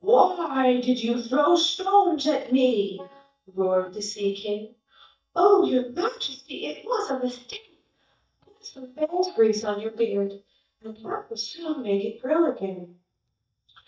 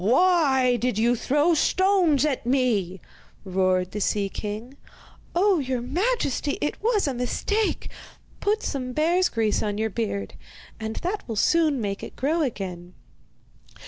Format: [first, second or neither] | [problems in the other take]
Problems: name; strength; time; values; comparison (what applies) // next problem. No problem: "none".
second | noise reduction (neural mask model DeepFilterNet 3)